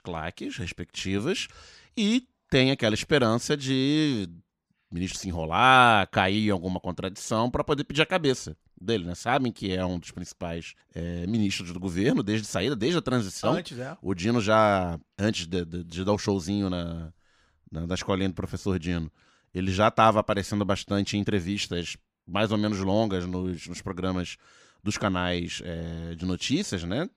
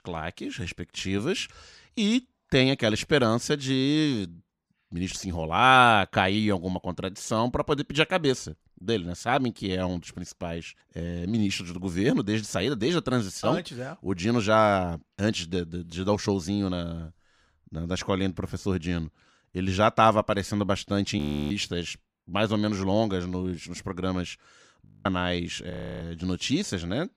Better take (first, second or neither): first